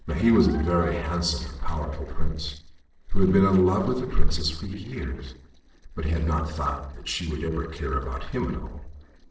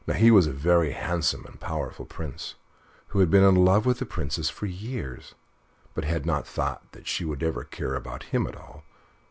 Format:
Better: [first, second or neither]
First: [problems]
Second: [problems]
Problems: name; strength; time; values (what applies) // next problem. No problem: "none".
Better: second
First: noise reduction (neural separator model SepFormer DNS4)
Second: none